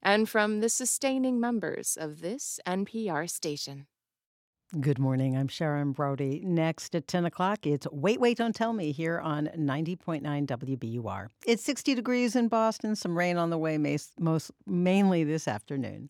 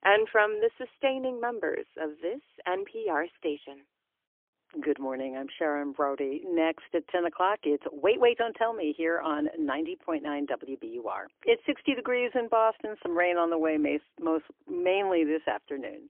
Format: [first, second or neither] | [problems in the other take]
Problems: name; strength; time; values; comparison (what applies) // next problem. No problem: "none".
first | phone-call audio; poor line; nothing above 3 kHz